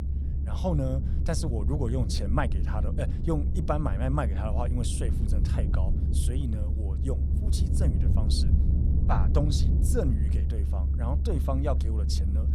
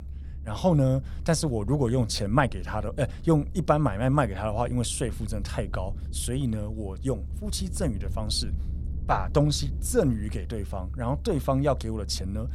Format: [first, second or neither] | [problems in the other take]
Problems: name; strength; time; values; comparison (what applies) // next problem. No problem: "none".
second | low rumble; loud; throughout; 7 dB below the speech; faint in the second